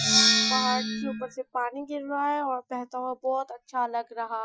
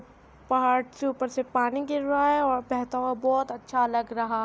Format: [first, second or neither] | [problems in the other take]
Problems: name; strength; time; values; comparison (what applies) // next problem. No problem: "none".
second | noise reduction (classical method Wiener filter)